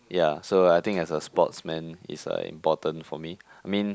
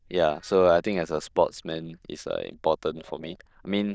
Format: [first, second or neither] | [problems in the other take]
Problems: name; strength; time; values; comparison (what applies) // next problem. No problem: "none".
first | noise reduction (neural diffusion model UNIVERSE++)